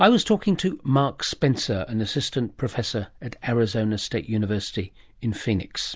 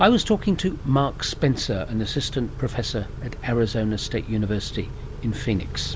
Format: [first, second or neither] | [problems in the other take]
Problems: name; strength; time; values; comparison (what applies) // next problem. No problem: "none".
first | background sound (Idling / Accelerating, revving, vroom / Car); 10 dB below the speech